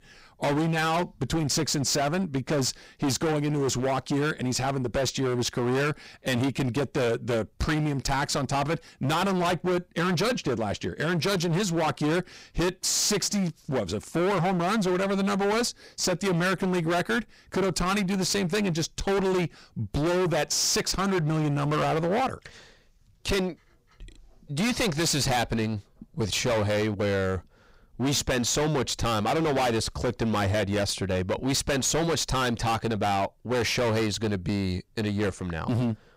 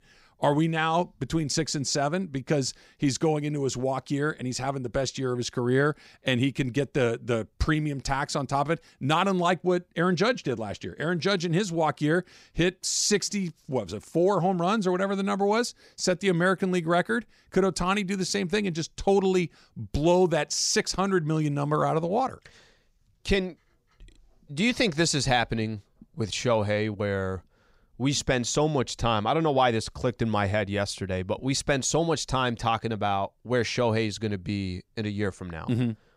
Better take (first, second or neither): second